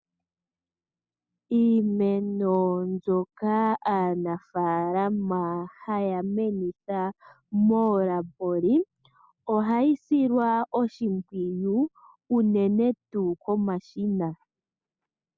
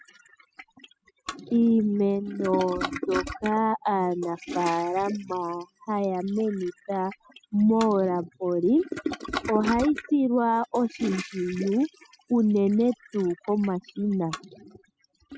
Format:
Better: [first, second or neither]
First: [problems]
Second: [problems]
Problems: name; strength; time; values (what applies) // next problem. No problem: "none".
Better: first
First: none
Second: noise reduction (classical method spectral subtraction)